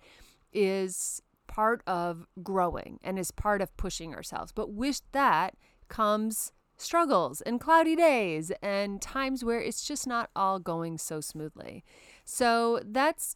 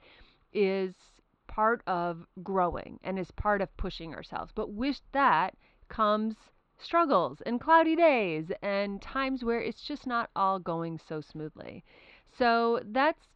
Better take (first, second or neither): first